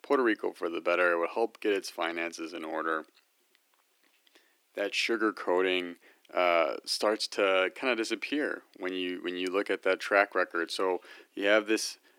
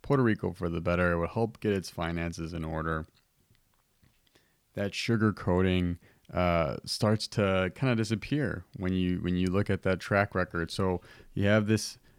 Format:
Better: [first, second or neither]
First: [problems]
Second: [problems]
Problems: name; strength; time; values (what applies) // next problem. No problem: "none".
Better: second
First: thin; somewhat; fading below 300 Hz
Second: none